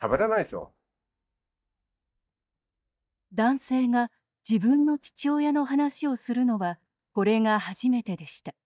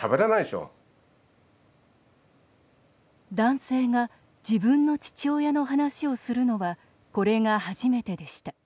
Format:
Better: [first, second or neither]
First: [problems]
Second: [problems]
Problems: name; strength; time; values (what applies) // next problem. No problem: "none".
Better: second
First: noise reduction (neural mask model DeepFilterNet 3)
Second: none